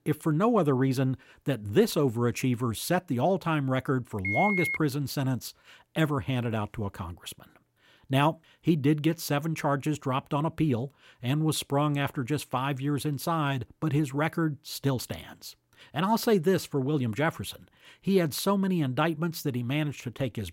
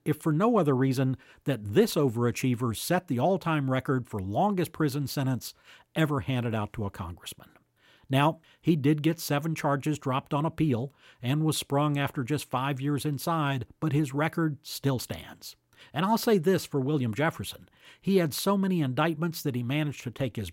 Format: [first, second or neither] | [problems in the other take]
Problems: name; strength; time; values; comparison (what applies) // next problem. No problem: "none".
second | phone ringing; loud; at 4 s; peak 1 dB above the speech